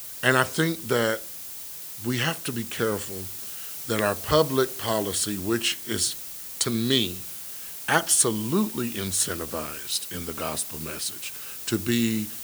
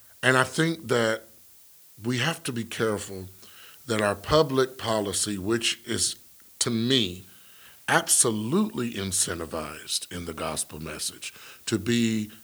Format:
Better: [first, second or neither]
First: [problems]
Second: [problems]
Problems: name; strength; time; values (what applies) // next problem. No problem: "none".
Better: second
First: hiss; loud; throughout; 8 dB below the speech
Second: hiss; faint; throughout; 25 dB below the speech